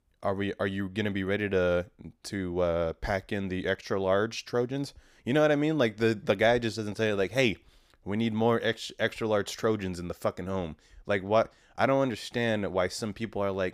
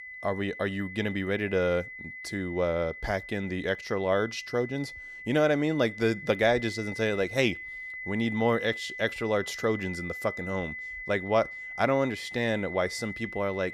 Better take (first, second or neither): first